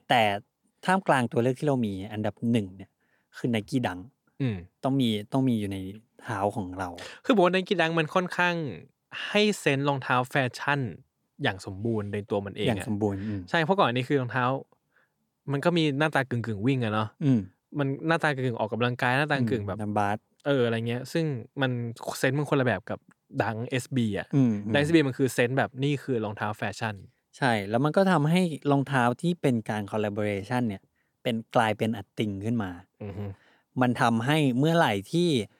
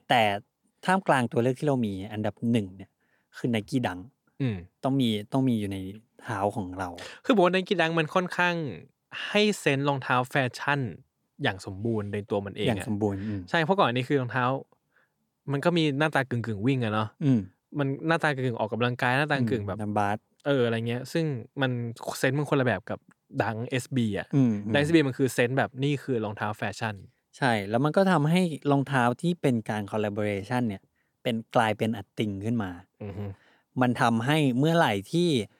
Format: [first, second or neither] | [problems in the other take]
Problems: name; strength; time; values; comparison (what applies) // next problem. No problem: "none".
neither | none